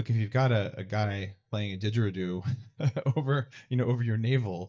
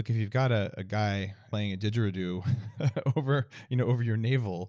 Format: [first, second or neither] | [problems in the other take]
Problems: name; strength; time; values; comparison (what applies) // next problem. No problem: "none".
second | noise reduction (neural mask model DeepFilterNet 3)